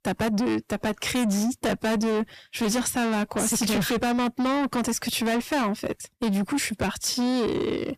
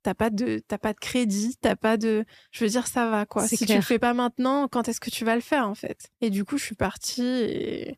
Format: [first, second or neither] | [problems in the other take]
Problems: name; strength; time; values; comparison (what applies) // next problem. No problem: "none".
second | distortion; heavy; 6 dB below the speech